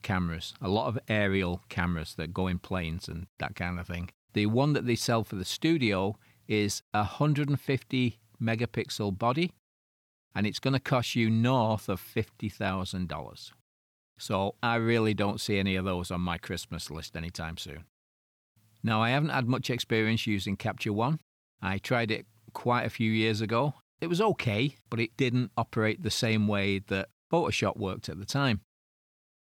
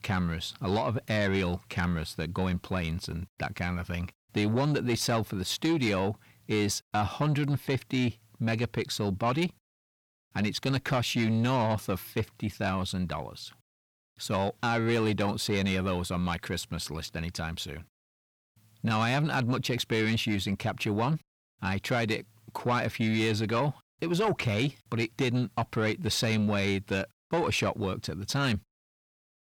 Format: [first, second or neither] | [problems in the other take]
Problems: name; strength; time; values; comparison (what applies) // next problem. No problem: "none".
first | distortion; slight; 10 dB below the speech